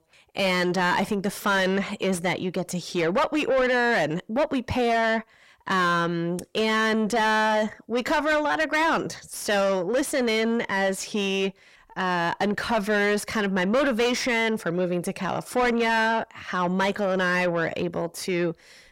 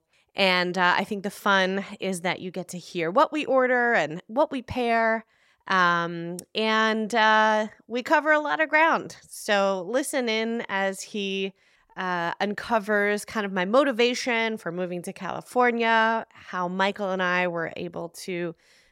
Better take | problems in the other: second | distortion; heavy; 6 dB below the speech

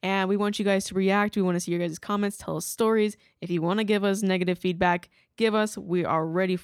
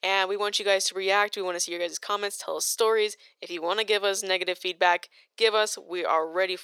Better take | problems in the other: first | thin; very; fading below 450 Hz

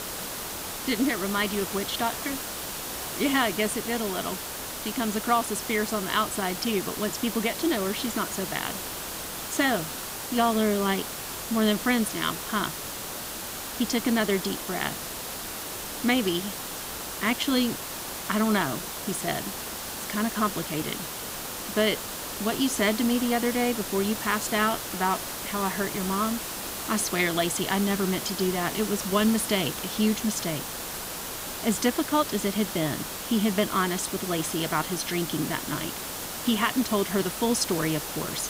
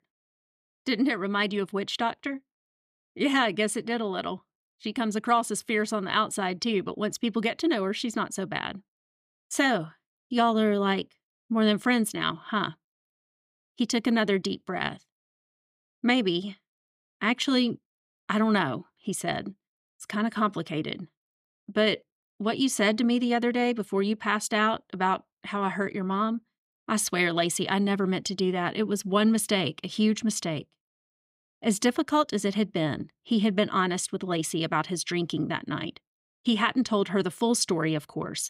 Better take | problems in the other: second | hiss; loud; throughout; 5 dB below the speech

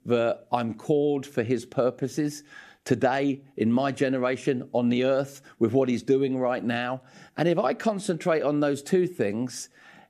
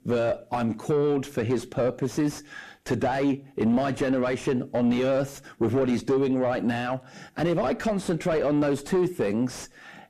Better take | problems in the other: first | distortion; heavy; 7 dB below the speech

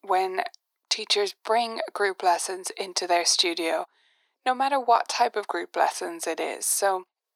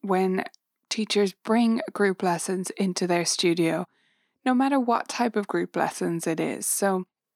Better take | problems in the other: second | thin; very; fading below 400 Hz

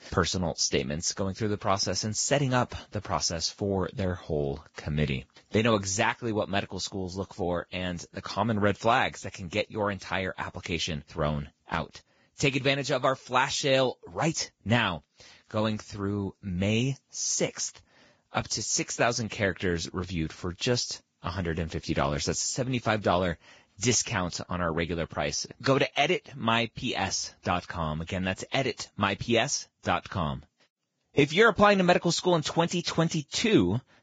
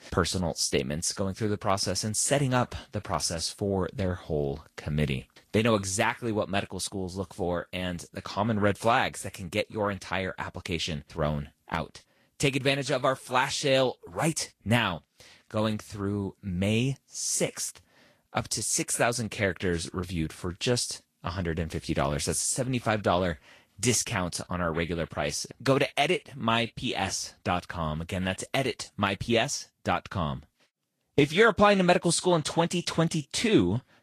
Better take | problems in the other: second | garbled, watery; badly; nothing above 7.5 kHz; slightly in the second

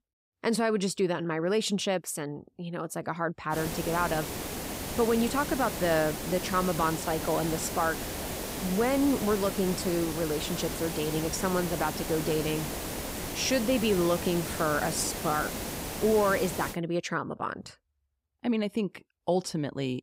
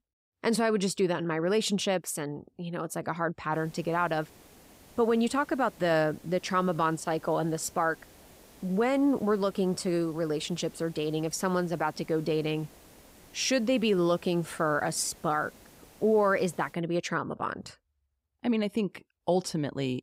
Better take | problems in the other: second | hiss; loud; from 3.5 to 17 s; 5 dB below the speech; faint in the second

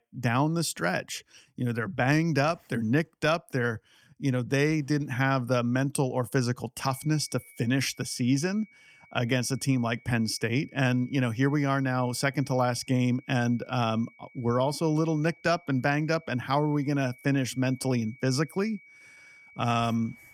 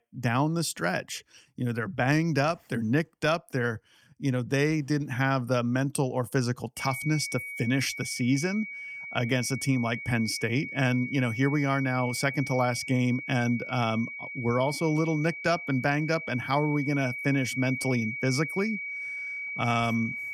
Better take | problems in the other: first | high-pitched whine; loud; from 7 s on; 2.5 kHz, 7 dB below the speech; faint in the first

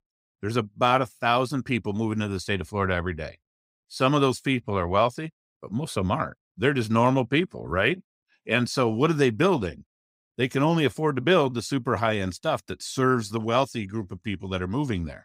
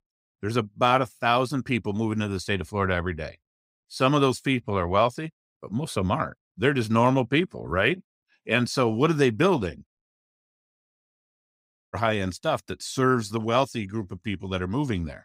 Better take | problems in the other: first | audio cutting out; at 10 s for 2 s

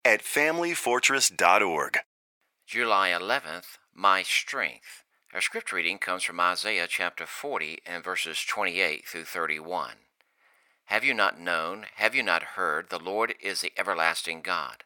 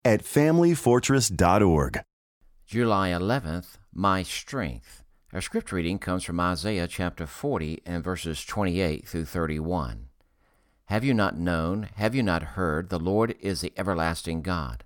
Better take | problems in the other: second | thin; very; fading below 650 Hz

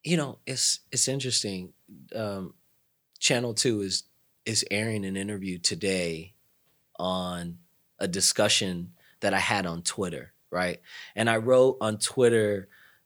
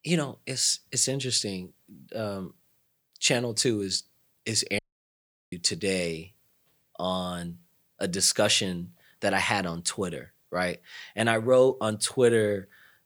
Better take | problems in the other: first | audio cutting out; at 5 s for 0.5 s

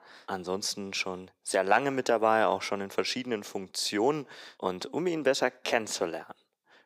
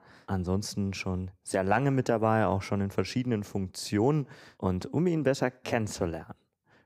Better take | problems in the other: second | thin; somewhat; fading below 400 Hz

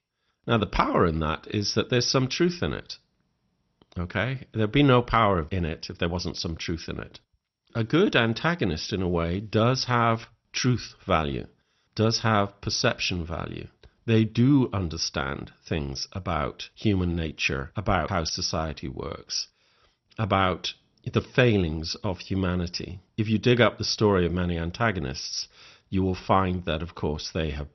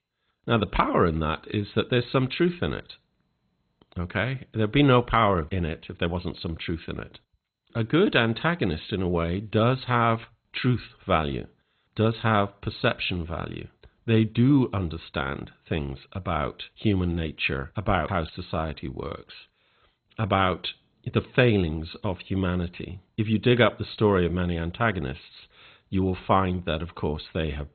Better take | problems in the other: first | garbled, watery; badly; nothing above 4 kHz; slightly in the first

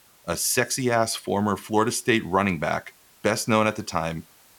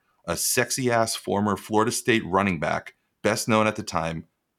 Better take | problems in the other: second | hiss; faint; throughout; 30 dB below the speech

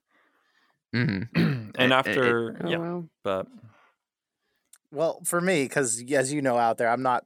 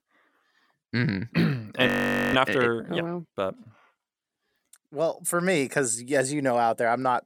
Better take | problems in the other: first | audio freezing; at 2 s

